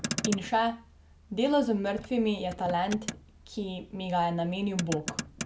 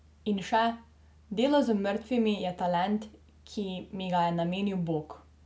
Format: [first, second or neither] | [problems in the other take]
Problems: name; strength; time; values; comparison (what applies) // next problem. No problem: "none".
second | background sound (Motor vehicle (road)); 10 dB below the speech